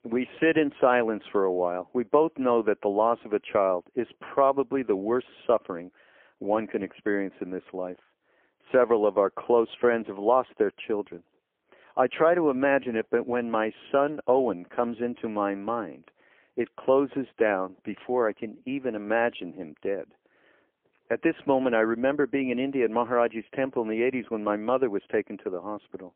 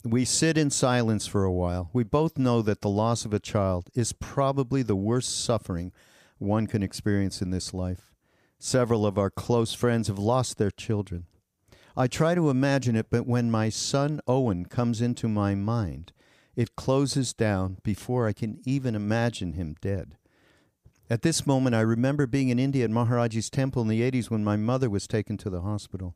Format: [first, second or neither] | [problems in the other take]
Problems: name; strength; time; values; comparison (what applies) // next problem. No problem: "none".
second | phone-call audio; poor line